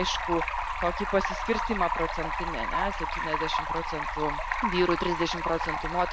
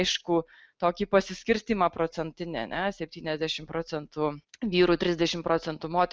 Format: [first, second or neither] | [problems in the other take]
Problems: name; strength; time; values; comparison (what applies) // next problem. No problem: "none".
second | background sound (Stream); as loud as the speech